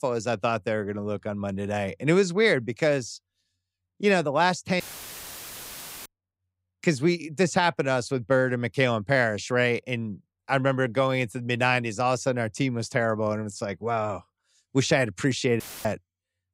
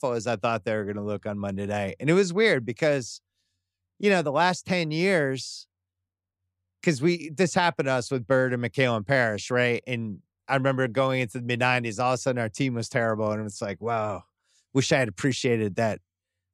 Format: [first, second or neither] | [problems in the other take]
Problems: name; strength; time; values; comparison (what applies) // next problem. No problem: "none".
second | audio cutting out; filled with static; at 5 s for 1.5 s and at 16 s